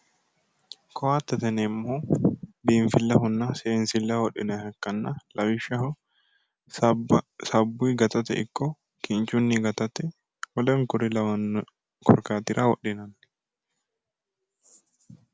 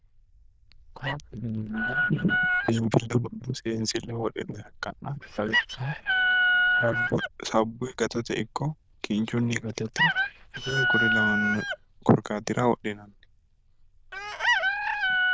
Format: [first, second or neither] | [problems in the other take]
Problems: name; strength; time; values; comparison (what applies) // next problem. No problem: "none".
first | noise reduction (neural diffusion model UNIVERSE++)